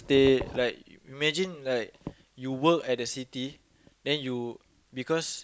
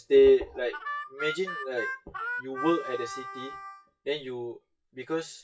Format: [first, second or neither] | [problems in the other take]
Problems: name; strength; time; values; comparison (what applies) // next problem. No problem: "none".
first | noise reduction (classical method WPE with log-MMSE)